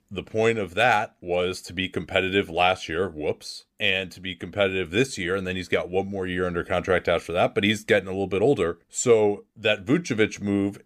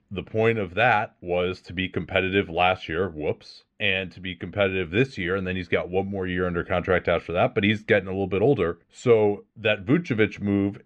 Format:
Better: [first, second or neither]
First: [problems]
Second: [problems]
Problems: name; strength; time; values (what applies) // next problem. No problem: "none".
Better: first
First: none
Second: muffled; slightly; fading above 2.5 kHz